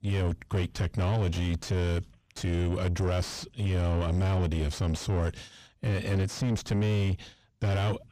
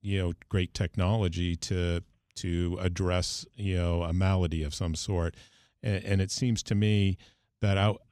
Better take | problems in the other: second | distortion; heavy; 7 dB below the speech

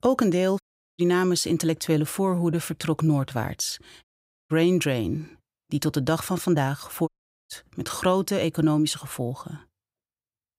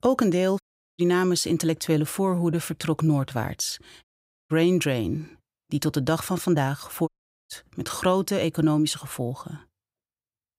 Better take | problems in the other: neither | audio cutting out; at 0.5 s, at 4 s and at 7 s; the same in both

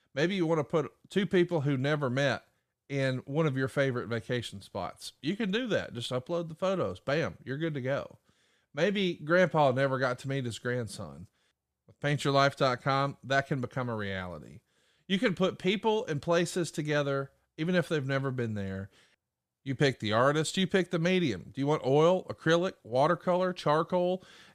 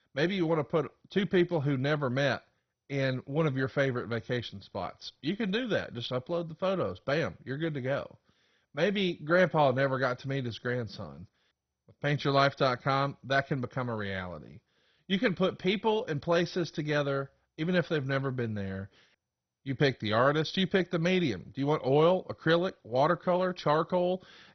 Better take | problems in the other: first | garbled, watery; badly; nothing above 6 kHz

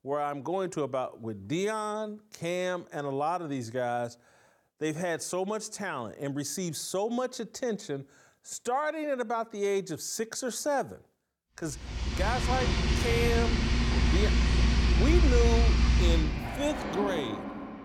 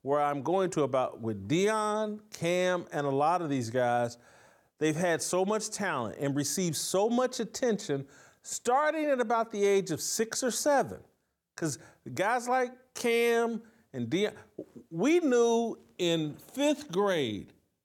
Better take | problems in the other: second | household noises; very loud; from 12 s on; 5 dB above the speech

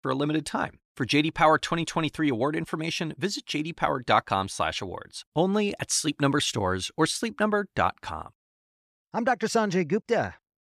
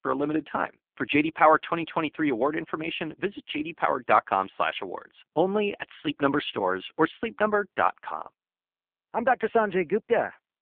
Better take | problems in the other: first | phone-call audio; poor line; nothing above 3.5 kHz

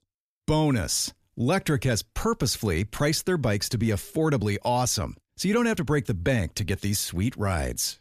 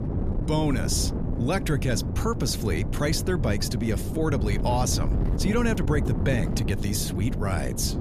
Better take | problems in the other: first | wind noise on the microphone; heavy; 8 dB below the speech

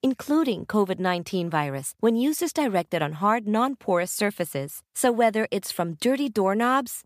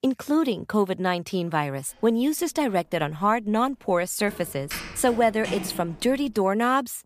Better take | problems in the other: first | footsteps; noticeable; from 4.5 to 6.5 s; peak 9 dB below the speech

